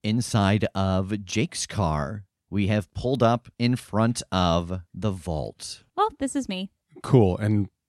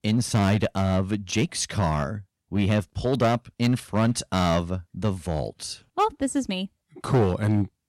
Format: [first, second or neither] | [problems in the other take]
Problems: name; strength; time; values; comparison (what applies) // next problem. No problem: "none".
first | distortion; slight; 5% of the sound clipped